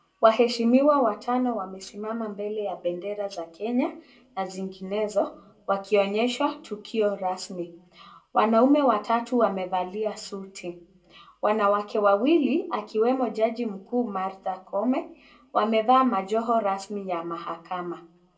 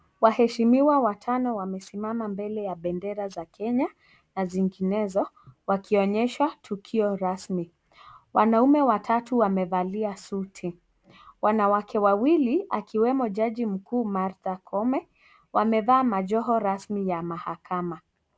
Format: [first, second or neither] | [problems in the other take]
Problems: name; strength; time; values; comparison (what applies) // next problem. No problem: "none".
second | room echo; dies away in 0.2 s